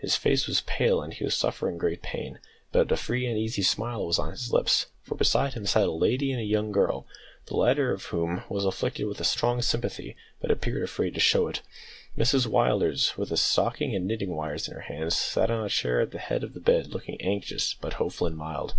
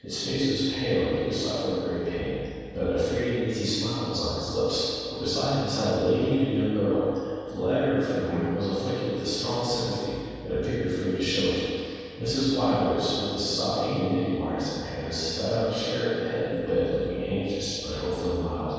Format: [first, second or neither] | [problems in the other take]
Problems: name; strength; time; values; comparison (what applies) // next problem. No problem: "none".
first | room echo; dies away in 2.1 s